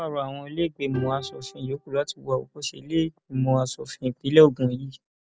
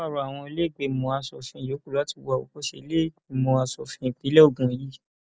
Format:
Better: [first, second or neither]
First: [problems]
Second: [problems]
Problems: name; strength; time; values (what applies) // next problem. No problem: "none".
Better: second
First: background sound (Bowed string instrument); 15 dB below the speech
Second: none